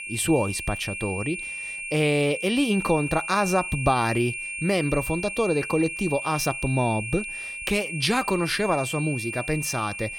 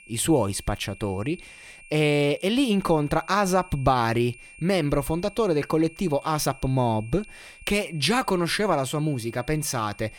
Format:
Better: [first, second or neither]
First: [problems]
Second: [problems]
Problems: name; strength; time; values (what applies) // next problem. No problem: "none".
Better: second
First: high-pitched whine; loud; throughout; 2.5 kHz, 6 dB below the speech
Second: high-pitched whine; faint; throughout; 2.5 kHz, 20 dB below the speech